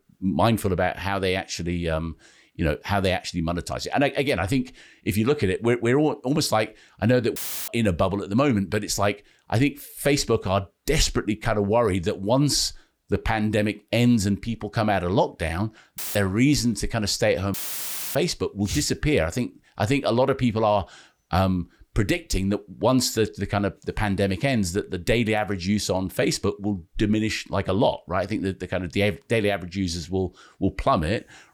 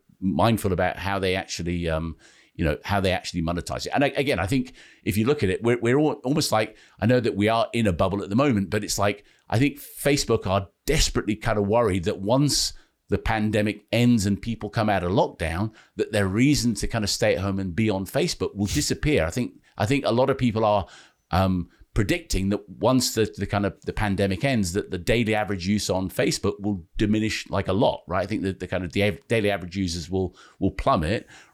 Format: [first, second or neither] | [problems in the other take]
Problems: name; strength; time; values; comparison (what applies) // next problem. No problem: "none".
second | audio cutting out; filled with static; at 7.5 s, at 16 s and at 18 s for 0.5 s